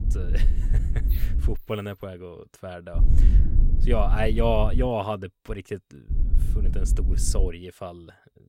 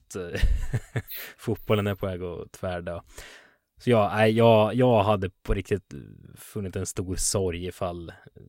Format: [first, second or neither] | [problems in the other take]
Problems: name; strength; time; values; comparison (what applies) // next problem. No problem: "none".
second | wind noise on the microphone; occasional gusts; until 1.5 s, from 3 to 5 s and from 6 to 7.5 s; 15 dB below the speech